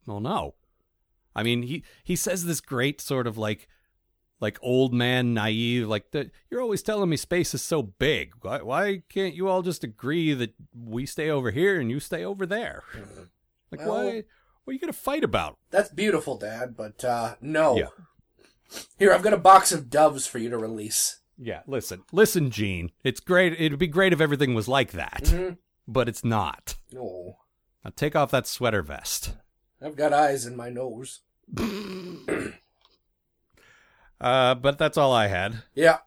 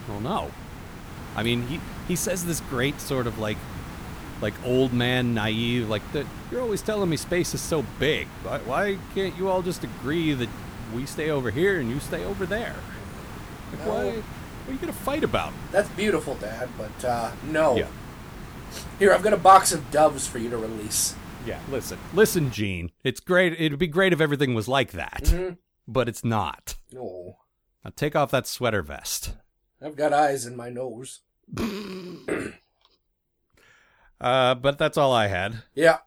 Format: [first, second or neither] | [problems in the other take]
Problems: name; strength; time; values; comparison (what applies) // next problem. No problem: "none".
first | hiss; noticeable; until 23 s; 15 dB below the speech